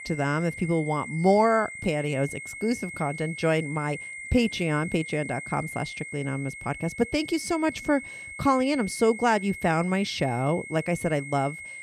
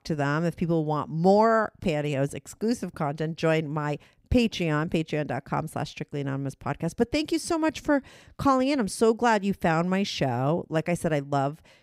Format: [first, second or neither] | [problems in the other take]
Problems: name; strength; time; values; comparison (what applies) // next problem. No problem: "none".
second | high-pitched whine; noticeable; throughout; 2 kHz, 10 dB below the speech